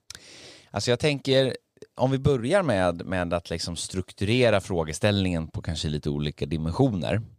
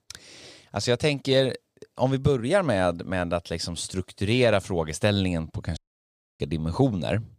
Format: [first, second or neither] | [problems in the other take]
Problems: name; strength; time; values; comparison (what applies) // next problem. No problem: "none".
first | audio cutting out; at 6 s for 0.5 s